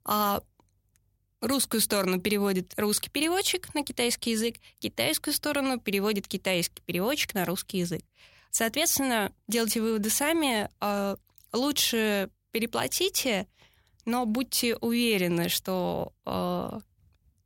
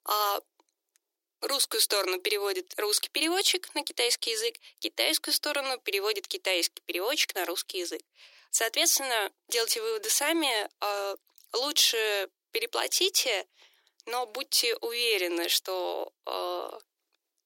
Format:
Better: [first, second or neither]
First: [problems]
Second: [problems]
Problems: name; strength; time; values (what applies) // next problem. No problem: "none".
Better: first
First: none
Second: thin; very; fading below 300 Hz